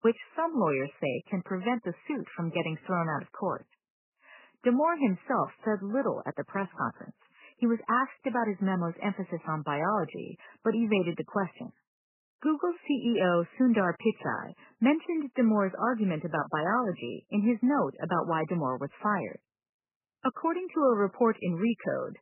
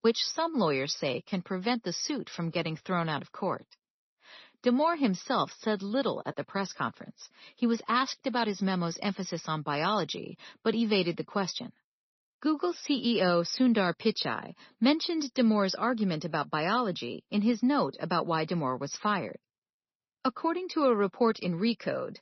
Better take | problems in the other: second | garbled, watery; badly; nothing above 3 kHz; slightly in the second

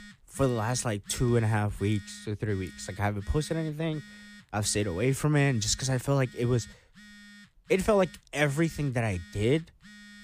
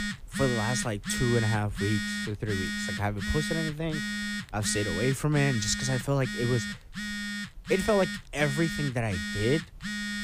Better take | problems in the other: first | alarms or sirens; loud; throughout; 4 dB below the speech; faint in the first

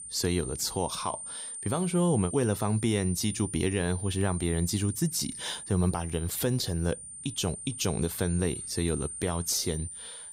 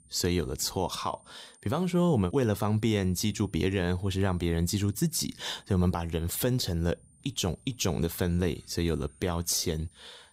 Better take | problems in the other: second | high-pitched whine; loud; throughout; 9 kHz, 8 dB below the speech; faint in the second

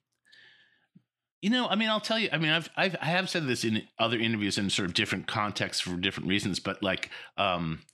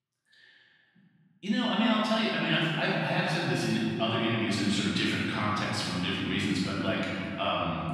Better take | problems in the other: first | room echo; strong; dies away in 2.7 s // off-mic speech; far

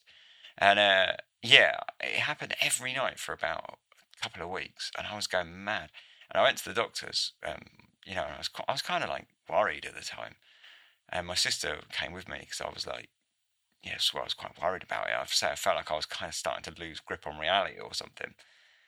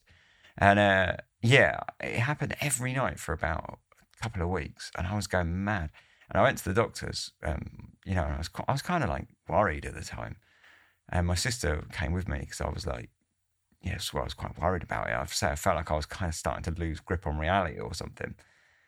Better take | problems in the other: second | thin; somewhat; fading below 700 Hz

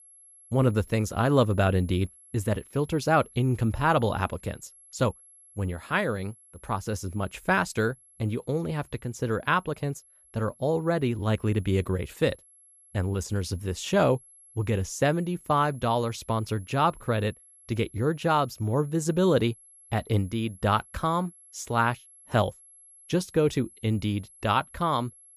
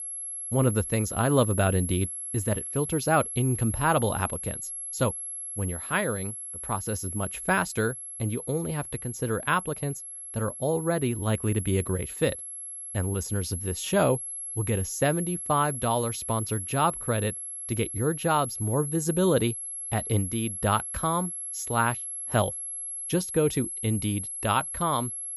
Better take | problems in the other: first | high-pitched whine; loud; throughout; 11 kHz, 6 dB below the speech; faint in the first

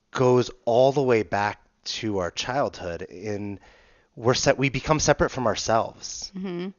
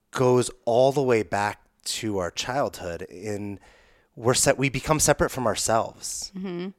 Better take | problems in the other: second | garbled, watery; slightly; nothing above 6.5 kHz

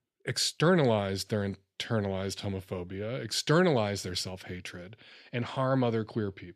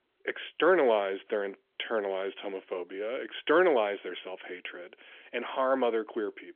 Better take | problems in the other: first | phone-call audio; nothing above 3.5 kHz

